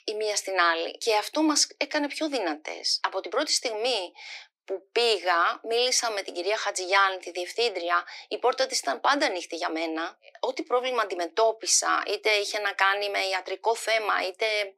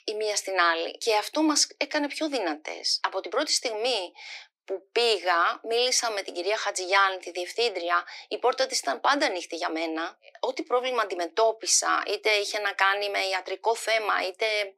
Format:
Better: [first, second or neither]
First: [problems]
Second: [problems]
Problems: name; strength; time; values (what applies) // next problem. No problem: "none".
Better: neither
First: thin; very; fading below 300 Hz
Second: thin; very; fading below 300 Hz